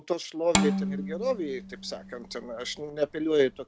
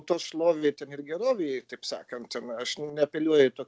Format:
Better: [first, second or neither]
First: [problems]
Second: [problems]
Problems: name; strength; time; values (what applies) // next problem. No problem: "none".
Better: second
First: background sound (Bowed string instrument); 3 dB below the speech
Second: none